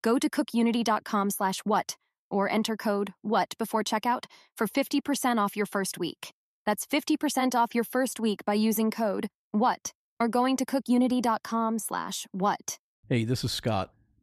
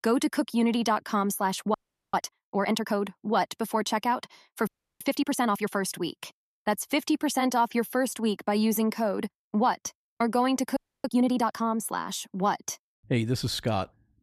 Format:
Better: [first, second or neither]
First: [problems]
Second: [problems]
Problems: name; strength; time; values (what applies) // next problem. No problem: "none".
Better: first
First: none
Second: audio freezing; at 1.5 s, at 4.5 s and at 11 s